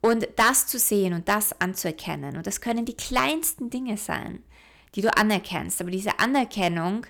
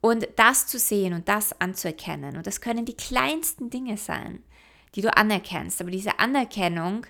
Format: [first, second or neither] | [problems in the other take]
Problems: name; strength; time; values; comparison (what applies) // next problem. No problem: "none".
second | distortion; slight; 1.1% of the sound clipped